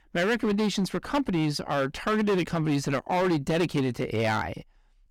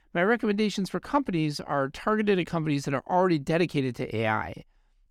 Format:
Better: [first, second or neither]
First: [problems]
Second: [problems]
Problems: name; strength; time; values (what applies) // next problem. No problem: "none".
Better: second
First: distortion; heavy; 14% of the sound clipped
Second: none